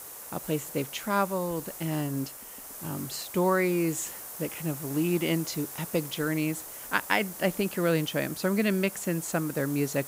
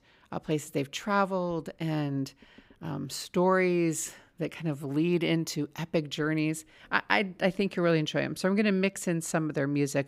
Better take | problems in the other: second | hiss; loud; throughout; 10 dB below the speech

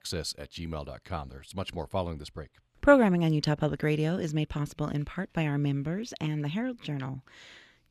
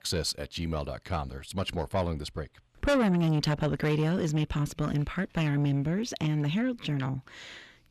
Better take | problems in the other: first | distortion; heavy; 5 dB below the speech

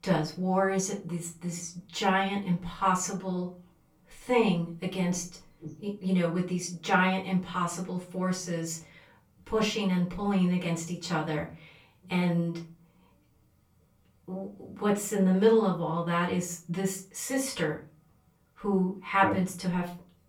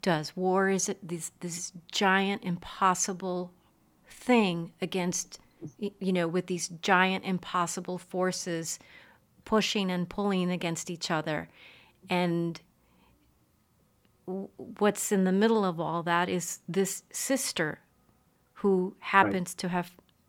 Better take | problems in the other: second | room echo; slight; dies away in 0.3 s // off-mic speech; far

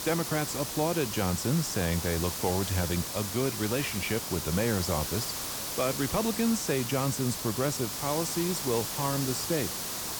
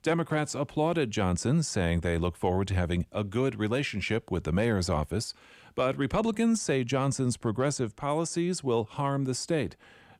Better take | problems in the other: second | hiss; loud; throughout; 2 dB below the speech

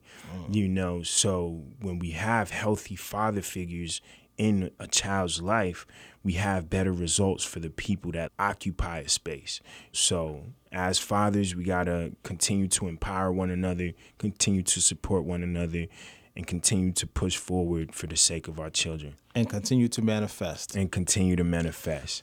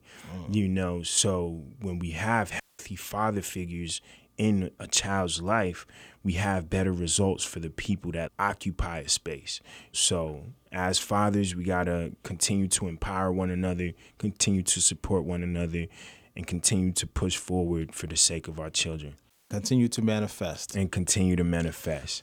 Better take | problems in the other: first | audio cutting out; at 2.5 s and at 19 s

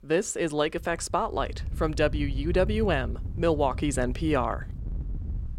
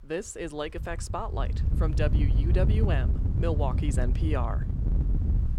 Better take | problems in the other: first | wind noise on the microphone; heavy; 7 dB below the speech; occasional gusts in the first

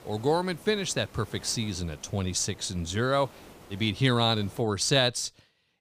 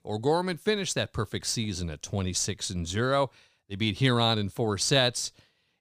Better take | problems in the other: second | hiss; faint; until 4.5 s; 25 dB below the speech

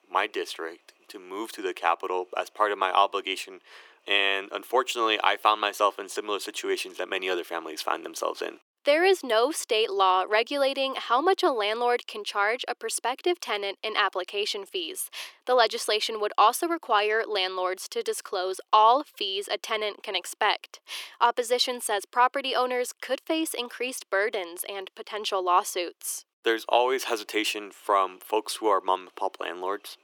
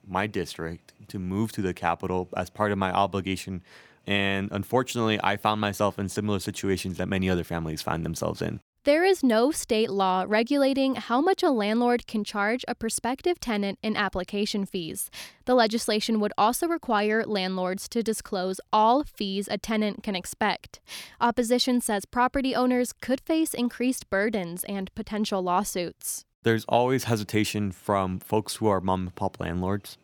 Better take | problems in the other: second | thin; very; fading below 350 Hz

